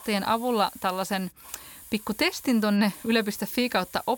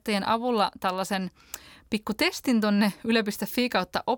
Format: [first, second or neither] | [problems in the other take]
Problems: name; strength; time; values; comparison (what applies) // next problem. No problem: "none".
second | hiss; noticeable; throughout; 20 dB below the speech